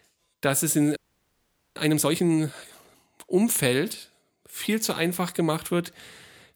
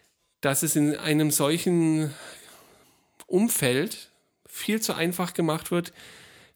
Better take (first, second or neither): second